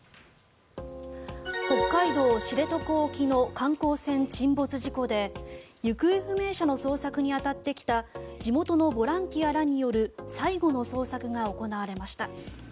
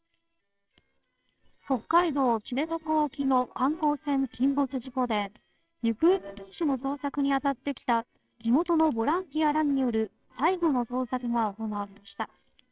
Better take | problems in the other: first | noise reduction (neural separator model SepFormer WHAMR!)

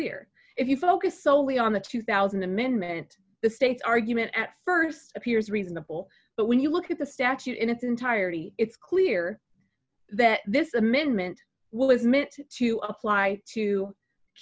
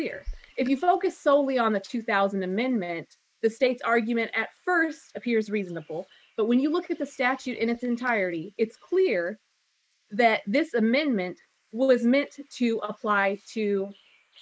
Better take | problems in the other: first | noise reduction (neural mask model Resemble Enhance denoiser)

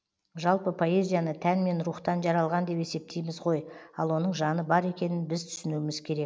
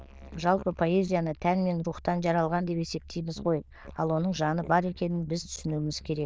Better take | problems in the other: first | noise reduction (neural diffusion model UNIVERSE++)

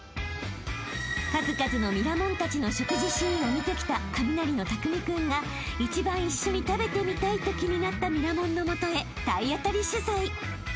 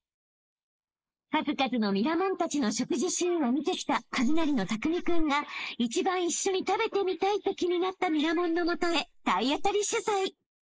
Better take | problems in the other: first | noise reduction (neural mask model Resemble Enhance denoiser)

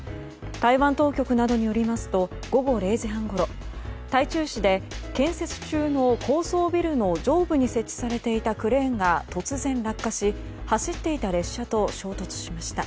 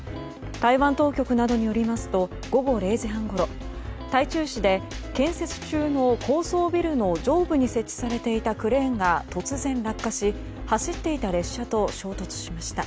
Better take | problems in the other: first | background sound (Electric guitar); 18 dB below the speech

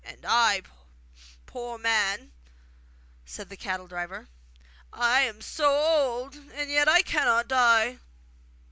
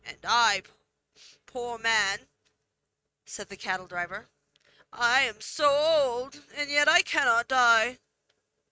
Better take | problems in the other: first | noise reduction (neural mask model RNNoise)

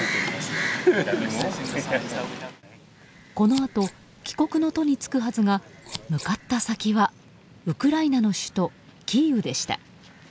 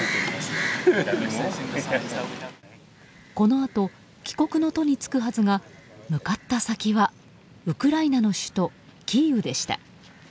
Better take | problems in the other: second | background sound (Scissors); 17 dB below the speech

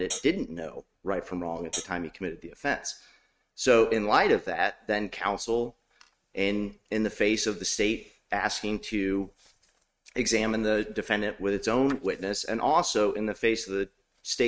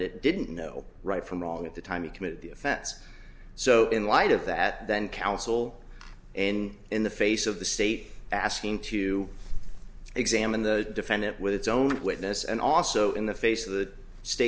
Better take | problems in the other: second | noise reduction (neural mask model RNNoise)

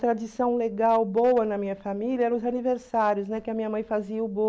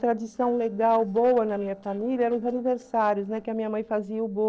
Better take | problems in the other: first | noise reduction (neural separator model SepFormer DNS4)

